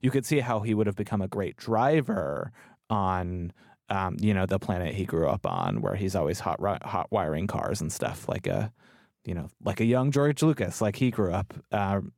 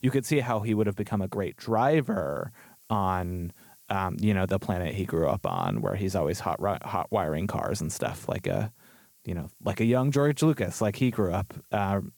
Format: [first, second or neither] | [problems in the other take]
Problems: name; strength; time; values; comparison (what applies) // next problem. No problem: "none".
first | hiss; faint; throughout; 25 dB below the speech